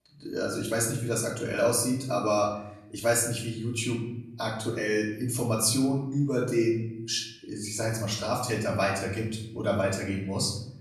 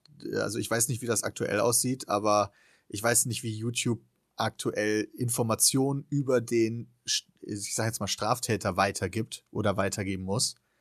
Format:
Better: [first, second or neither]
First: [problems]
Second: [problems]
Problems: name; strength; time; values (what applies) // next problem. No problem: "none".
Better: second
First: off-mic speech; far // room echo; noticeable; dies away in 0.7 s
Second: none